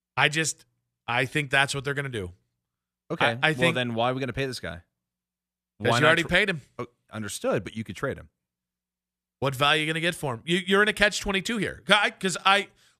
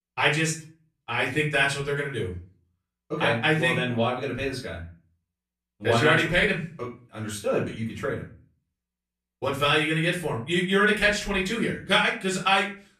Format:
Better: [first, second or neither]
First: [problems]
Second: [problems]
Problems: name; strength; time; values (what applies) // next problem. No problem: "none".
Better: first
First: none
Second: off-mic speech; far // room echo; slight; dies away in 0.3 s